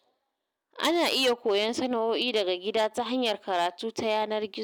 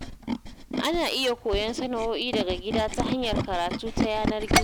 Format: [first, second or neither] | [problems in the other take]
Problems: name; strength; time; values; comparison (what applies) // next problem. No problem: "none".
first | background sound (Tools); 1 dB below the speech